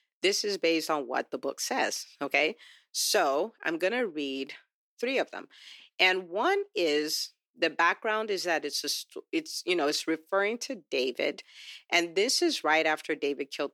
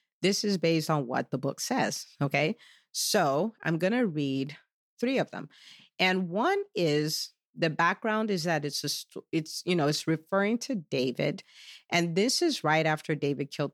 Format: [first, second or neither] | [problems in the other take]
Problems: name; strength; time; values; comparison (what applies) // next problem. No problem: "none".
second | thin; somewhat; fading below 350 Hz